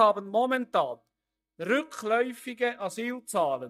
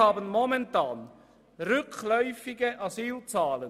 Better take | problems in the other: second | noise reduction (neural mask model DeepFilterNet 3)

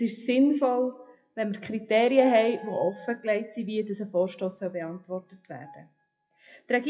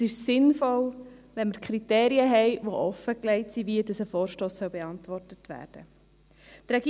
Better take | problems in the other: second | noise reduction (classical method WPE with log-MMSE)

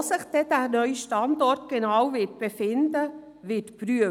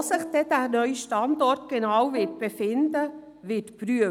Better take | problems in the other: first | background sound (Bowed string instrument); 16 dB below the speech

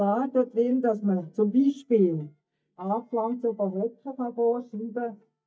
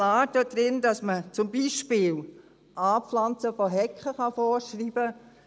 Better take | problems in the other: second | noise reduction (neural mask model DeepFilterNet 3)

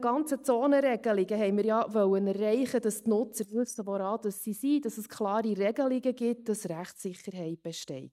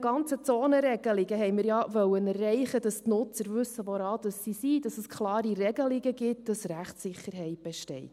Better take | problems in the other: second | noise reduction (neural mask model DeepFilterNet 3)

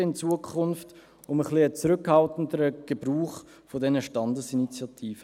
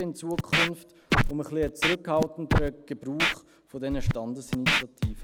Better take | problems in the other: first | background sound (Scratching (performance technique)); 3 dB above the speech

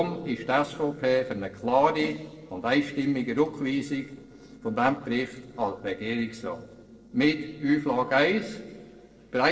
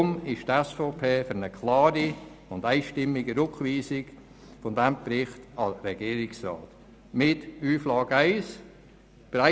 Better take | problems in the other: second | noise reduction (neural separator model SepFormer DNS4)

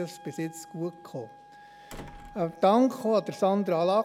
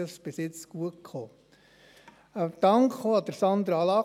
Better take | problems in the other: second | background sound (Wind instrument, woodwind instrument + Slam); 20 dB below the speech

